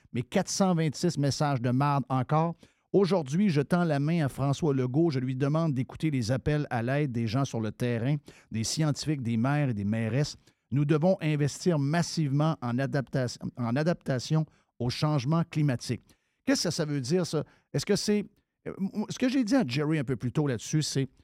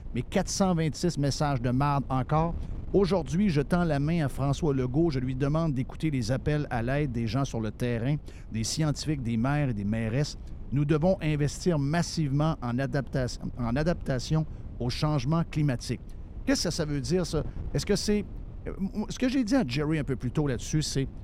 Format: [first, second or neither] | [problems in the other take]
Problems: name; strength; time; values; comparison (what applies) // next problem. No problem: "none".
first | wind noise on the microphone; occasional gusts; 25 dB below the speech